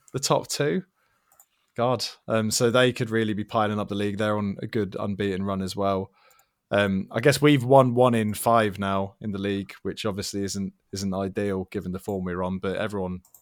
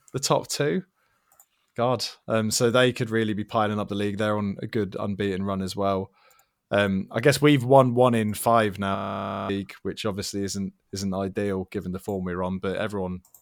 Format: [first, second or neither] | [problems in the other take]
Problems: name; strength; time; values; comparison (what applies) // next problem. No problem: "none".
first | audio freezing; at 9 s for 0.5 s